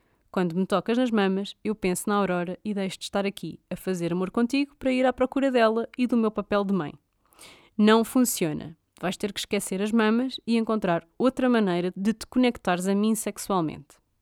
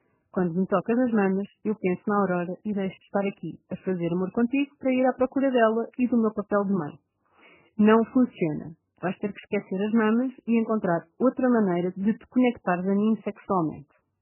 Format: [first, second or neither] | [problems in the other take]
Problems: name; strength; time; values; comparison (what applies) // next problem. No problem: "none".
first | garbled, watery; badly; nothing above 3 kHz